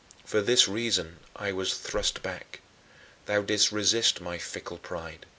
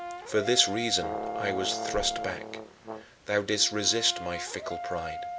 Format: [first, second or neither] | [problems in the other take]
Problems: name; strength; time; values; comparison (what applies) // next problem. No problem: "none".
first | background sound (Brass instrument + Brass instrument); 6 dB below the speech